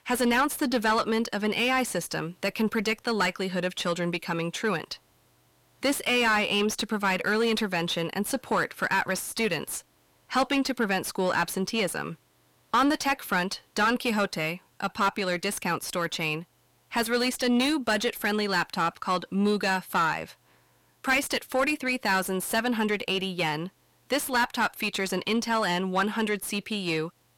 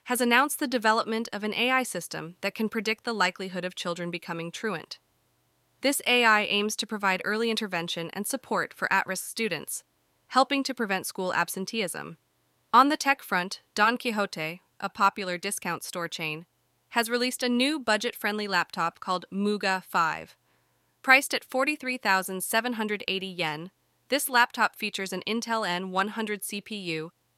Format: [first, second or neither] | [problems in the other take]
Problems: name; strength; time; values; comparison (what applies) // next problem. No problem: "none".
second | distortion; heavy; 6 dB below the speech